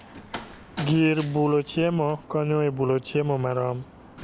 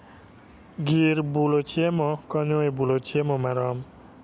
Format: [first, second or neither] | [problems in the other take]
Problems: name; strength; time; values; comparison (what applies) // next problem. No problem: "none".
second | background sound (Slam); 19 dB below the speech